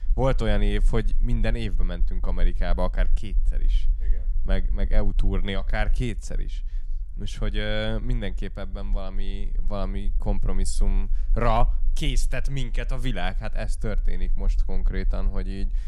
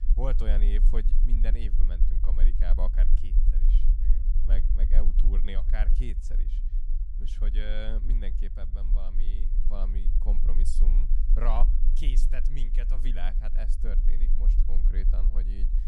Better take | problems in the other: first | low rumble; loud; throughout; 9 dB below the speech; faint in the first

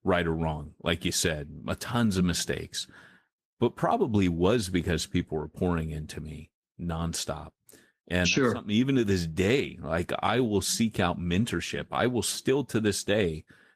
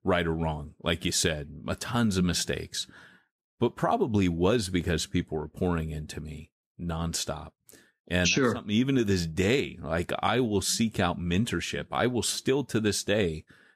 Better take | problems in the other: second | garbled, watery; slightly; nothing above 14.5 kHz

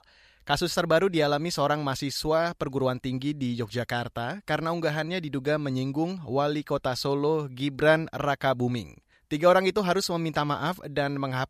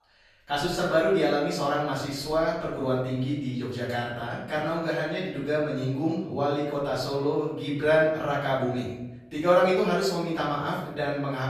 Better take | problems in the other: first | room echo; noticeable; dies away in 0.8 s // off-mic speech; far

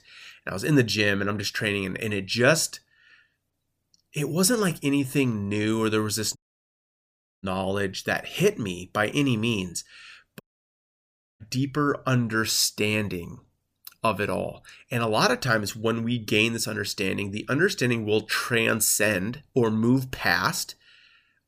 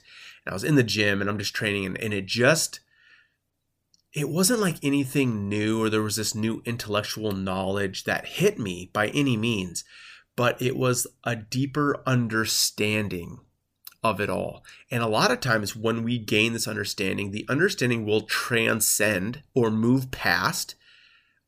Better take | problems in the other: second | audio cutting out; at 6.5 s for 1 s and at 10 s for 1 s

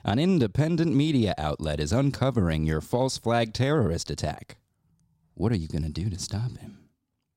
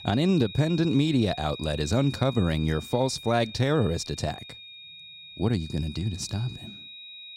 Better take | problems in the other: first | high-pitched whine; noticeable; throughout; 4 kHz, 15 dB below the speech

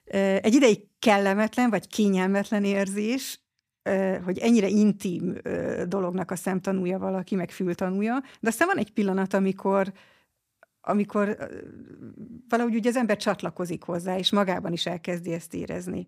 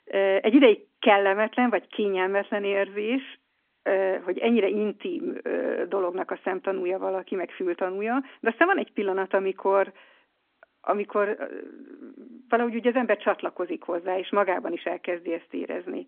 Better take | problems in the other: first | phone-call audio; nothing above 3.5 kHz

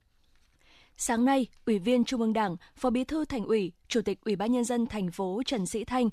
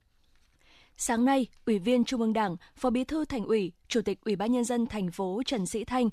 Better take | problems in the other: neither | none

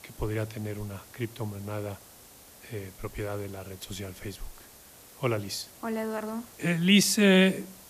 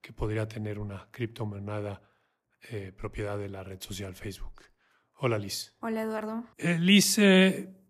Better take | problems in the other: second | hiss; faint; throughout; 20 dB below the speech

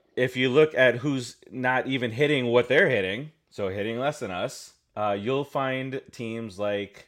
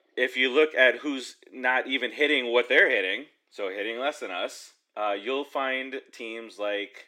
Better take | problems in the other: first | thin; very slightly; fading below 300 Hz

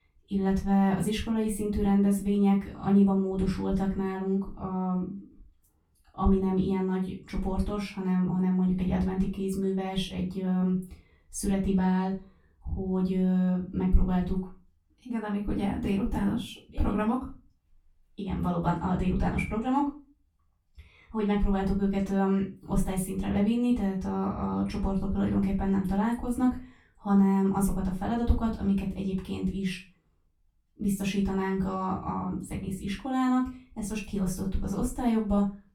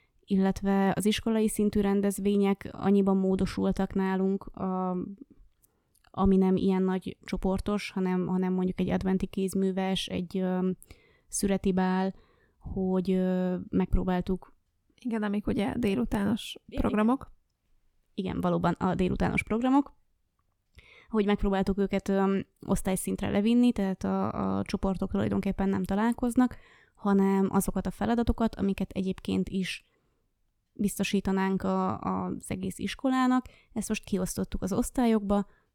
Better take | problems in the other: second | off-mic speech; far // room echo; slight; dies away in 0.3 s

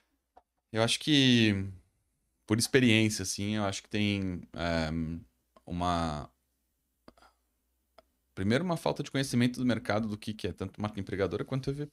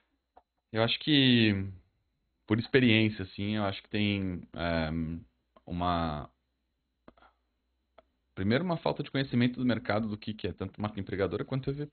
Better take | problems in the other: first | garbled, watery; badly; nothing above 4 kHz

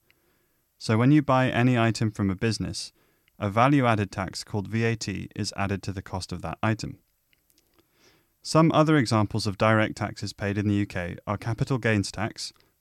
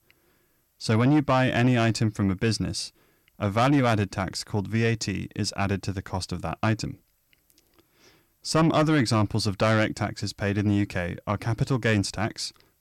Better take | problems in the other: first | distortion; slight; 10 dB below the speech

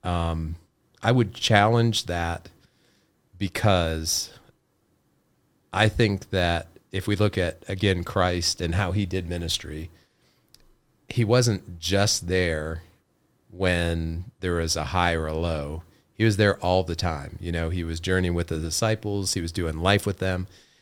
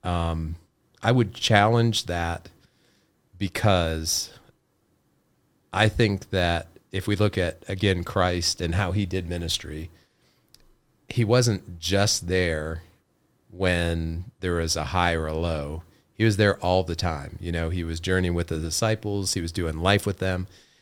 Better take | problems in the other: neither | none

